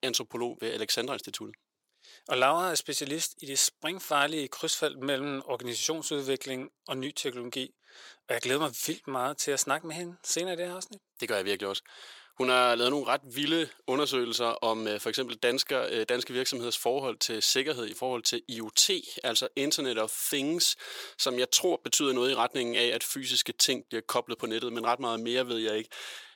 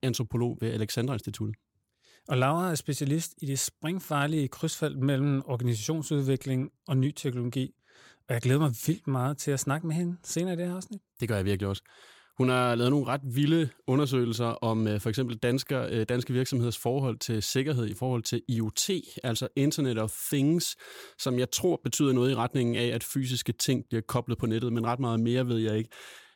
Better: second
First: thin; somewhat; fading below 500 Hz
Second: none

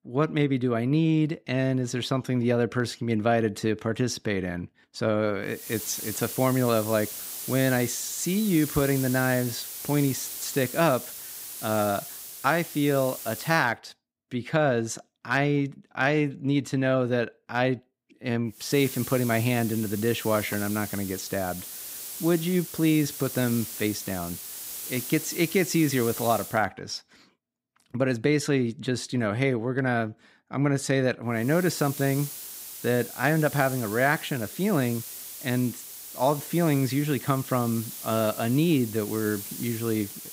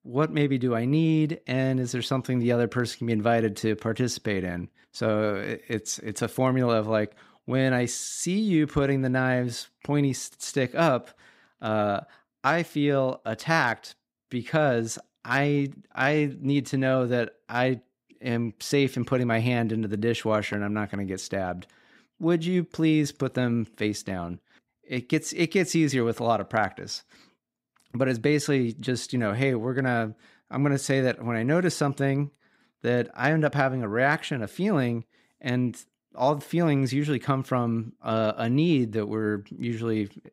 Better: second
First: hiss; loud; from 5.5 to 14 s, from 19 to 26 s and from 31 s on; 9 dB below the speech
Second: none

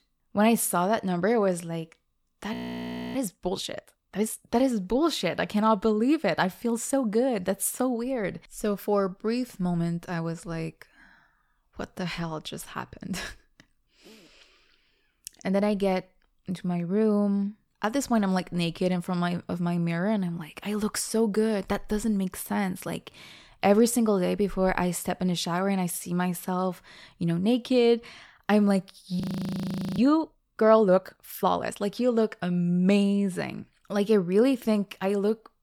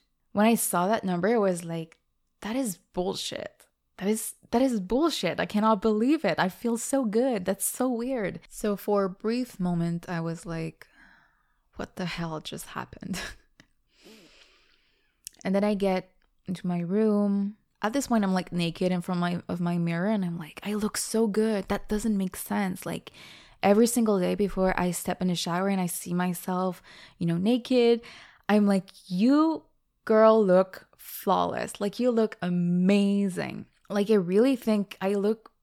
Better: second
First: audio freezing; at 2.5 s for 0.5 s and at 29 s for 1 s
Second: none

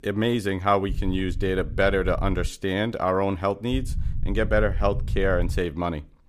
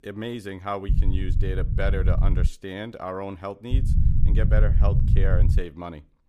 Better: first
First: low rumble; faint; from 1 to 2.5 s and from 3.5 to 5.5 s; 25 dB below the speech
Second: low rumble; loud; from 1 to 2.5 s and from 3.5 to 5.5 s; 6 dB below the speech

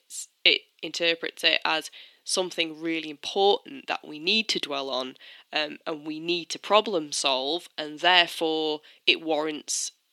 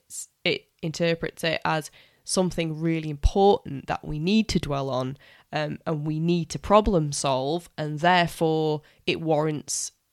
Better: second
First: thin; somewhat; fading below 300 Hz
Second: none

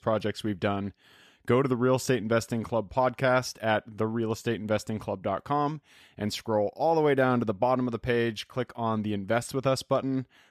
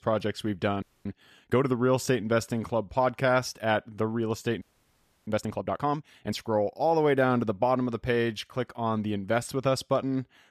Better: first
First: none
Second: audio freezing; at 1 s and at 4.5 s for 0.5 s

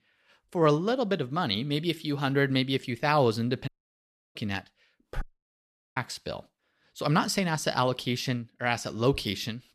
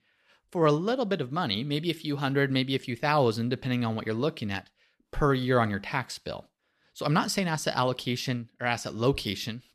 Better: second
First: audio cutting out; at 3.5 s for 0.5 s and at 5 s for 0.5 s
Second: none

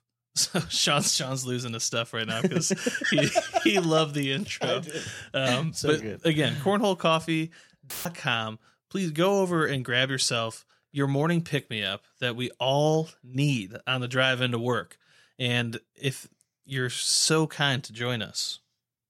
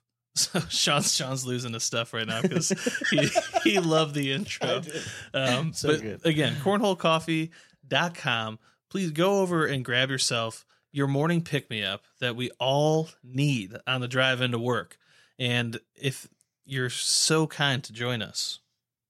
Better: second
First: audio cutting out; filled with static; at 8 s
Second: none

